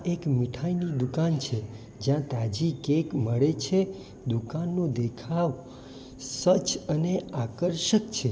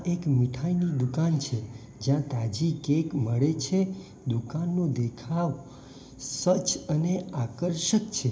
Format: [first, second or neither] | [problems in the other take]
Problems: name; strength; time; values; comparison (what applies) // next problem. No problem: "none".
first | room echo; dies away in 0.4 s